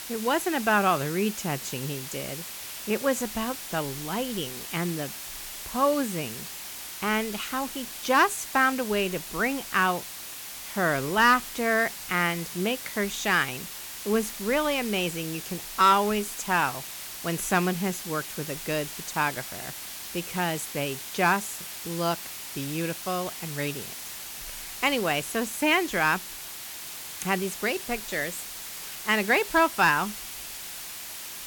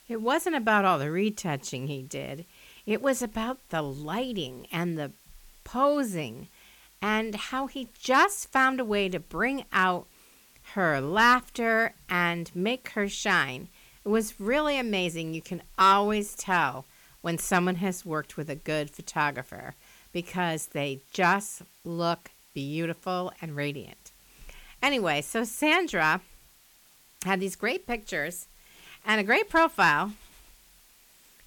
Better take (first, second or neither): second